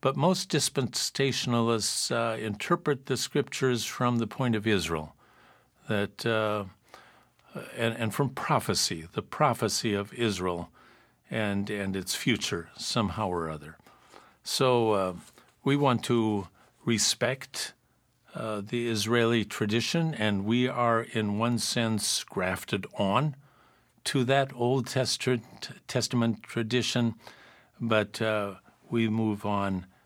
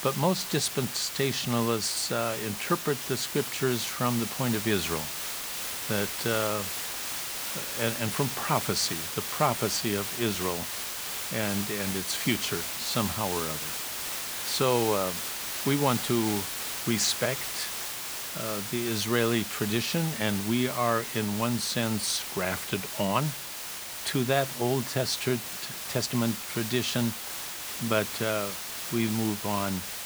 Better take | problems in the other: first | hiss; loud; throughout; 3 dB below the speech

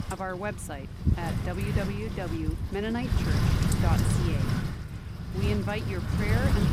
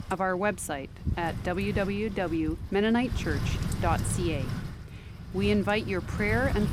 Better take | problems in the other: second | wind noise on the microphone; heavy; 1 dB below the speech; occasional gusts in the second

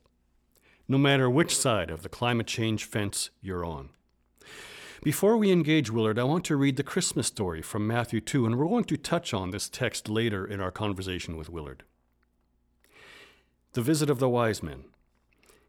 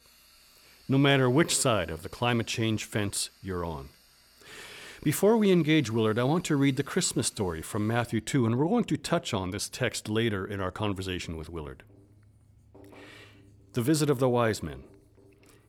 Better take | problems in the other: first | household noises; faint; throughout; 30 dB below the speech

